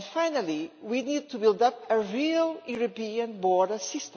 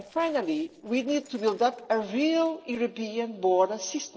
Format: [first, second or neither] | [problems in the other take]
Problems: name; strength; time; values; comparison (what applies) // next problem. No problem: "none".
first | noise reduction (neural separator model SepFormer DNS4)